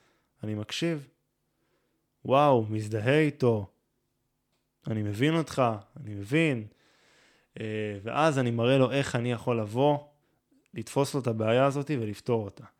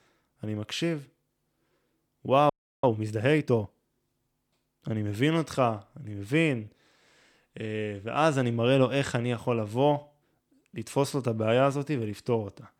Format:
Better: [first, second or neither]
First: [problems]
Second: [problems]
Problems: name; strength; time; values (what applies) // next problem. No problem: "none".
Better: first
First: none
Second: audio freezing; at 2.5 s